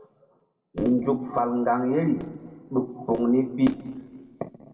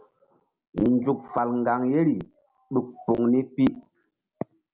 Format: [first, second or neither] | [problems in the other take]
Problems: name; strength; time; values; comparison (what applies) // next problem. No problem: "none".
second | room echo; dies away in 1.6 s